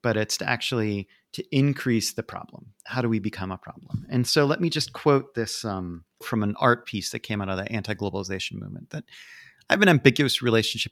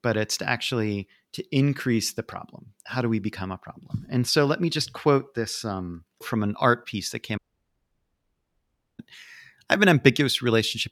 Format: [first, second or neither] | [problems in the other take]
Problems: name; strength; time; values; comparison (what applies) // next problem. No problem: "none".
first | audio cutting out; at 7.5 s for 1.5 s